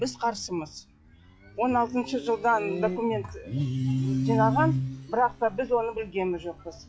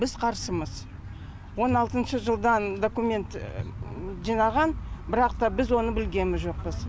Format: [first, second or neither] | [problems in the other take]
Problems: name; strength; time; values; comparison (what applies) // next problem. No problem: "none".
second | noise reduction (classical method log-MMSE)